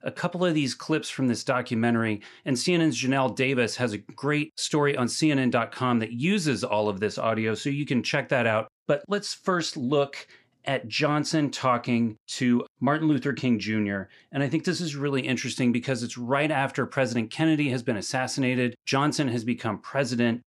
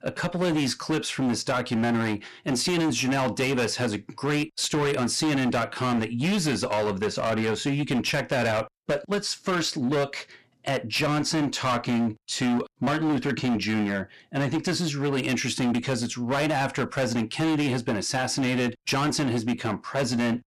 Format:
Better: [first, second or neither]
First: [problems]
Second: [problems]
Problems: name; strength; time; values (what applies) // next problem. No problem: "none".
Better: first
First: none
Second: distortion; heavy; 21% of the sound clipped